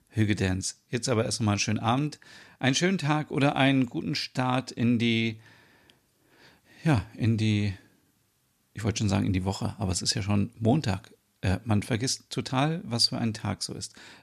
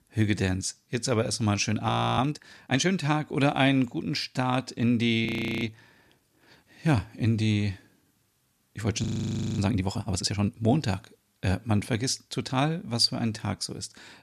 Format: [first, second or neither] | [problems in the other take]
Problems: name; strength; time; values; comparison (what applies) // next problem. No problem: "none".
first | audio freezing; at 2 s, at 5.5 s and at 9 s for 0.5 s